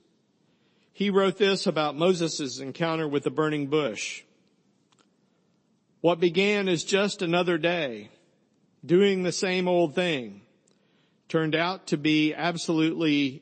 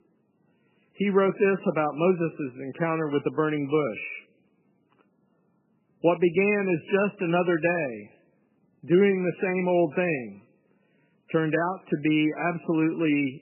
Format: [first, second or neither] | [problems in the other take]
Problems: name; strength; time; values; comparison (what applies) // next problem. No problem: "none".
first | garbled, watery; badly; nothing above 3 kHz; slightly in the first